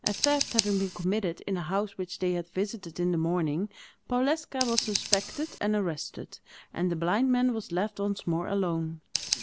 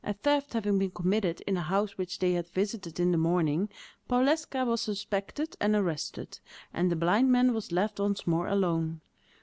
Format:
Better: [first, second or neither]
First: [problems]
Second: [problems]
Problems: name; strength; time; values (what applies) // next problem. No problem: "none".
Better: second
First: background sound (Scissors); 8 dB below the speech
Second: none